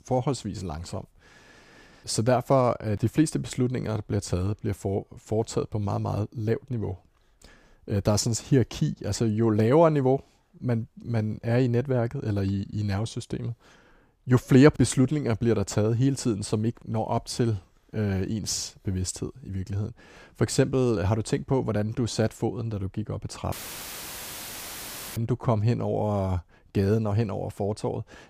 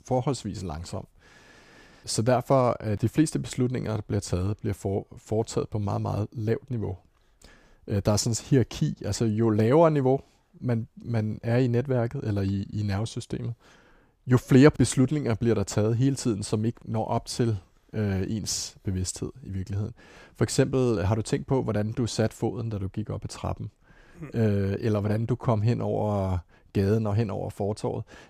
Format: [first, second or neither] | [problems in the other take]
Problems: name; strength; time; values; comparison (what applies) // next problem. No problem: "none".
second | audio cutting out; filled with static; at 24 s for 1.5 s